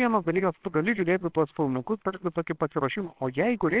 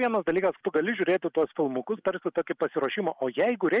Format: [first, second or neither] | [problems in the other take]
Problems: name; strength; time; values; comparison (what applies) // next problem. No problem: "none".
second | noise reduction (neural separator model SepFormer WHAMR!)